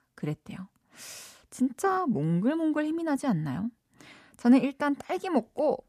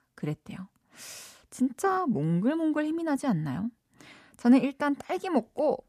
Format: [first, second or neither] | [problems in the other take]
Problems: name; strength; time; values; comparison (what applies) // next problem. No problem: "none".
neither | none